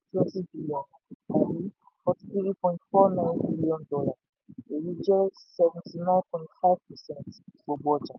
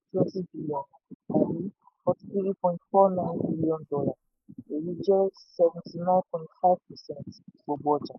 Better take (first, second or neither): first